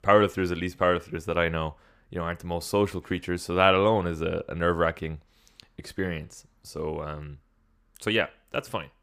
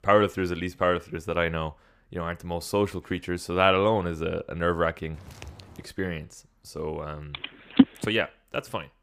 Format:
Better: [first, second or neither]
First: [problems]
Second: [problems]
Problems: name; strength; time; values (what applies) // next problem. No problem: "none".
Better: first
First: none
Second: footsteps; faint; at 5 s; peak 15 dB below the speech // phone ringing; loud; at 8 s; peak 6 dB above the speech